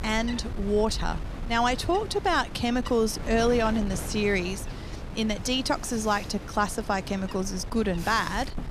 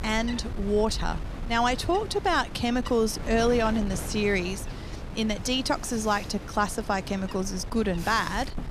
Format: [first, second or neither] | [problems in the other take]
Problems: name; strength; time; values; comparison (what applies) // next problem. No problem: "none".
neither | wind noise on the microphone; occasional gusts; 15 dB below the speech; the same in both